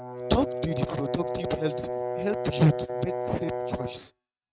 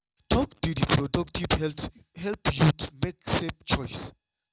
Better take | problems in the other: second | noise reduction (neural mask model RNNoise)

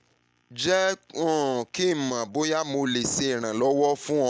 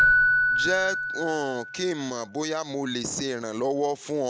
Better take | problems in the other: first | background sound (Keyboard (musical)); 2 dB above the speech

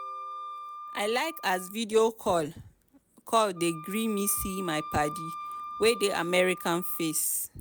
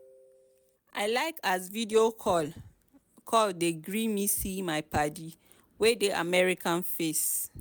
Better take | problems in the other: second | background sound (Wind instrument, woodwind instrument); 13 dB below the speech

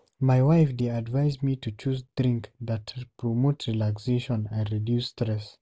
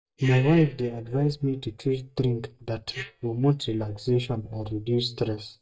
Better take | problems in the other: first | noise reduction (neural mask model DeepFilterNet 3)

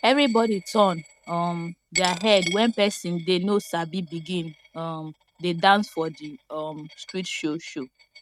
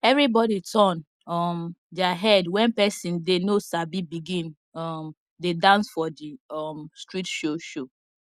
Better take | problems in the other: second | noise reduction (neural mask model RNNoise)

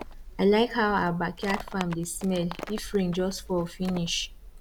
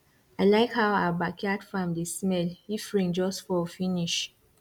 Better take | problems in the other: second | background sound (Livestock, farm animals, working animals); 13 dB below the speech

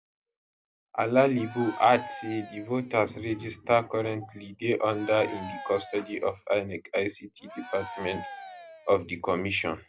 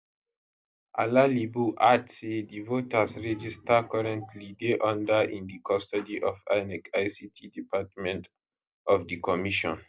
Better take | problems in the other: second | background sound (Cheering); 14 dB below the speech

